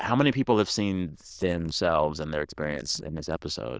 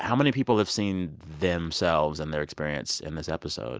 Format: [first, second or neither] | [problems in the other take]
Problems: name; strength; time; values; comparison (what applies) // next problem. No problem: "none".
second | noise reduction (neural diffusion model UNIVERSE++)